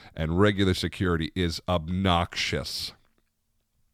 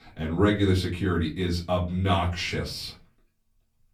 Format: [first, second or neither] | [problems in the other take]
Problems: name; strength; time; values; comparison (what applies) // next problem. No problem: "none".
first | off-mic speech; far // room echo; very slight; dies away in 0.3 s